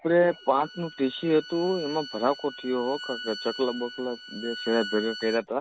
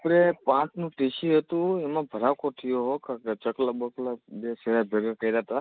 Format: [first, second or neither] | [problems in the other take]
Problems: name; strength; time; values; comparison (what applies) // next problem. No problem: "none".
second | background sound (Bowed string instrument); 13 dB below the speech